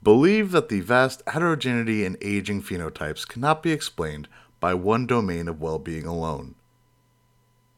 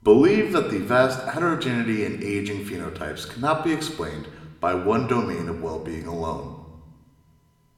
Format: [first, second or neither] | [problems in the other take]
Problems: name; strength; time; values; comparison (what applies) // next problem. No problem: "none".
first | room echo; slight; dies away in 1 s // off-mic speech; somewhat distant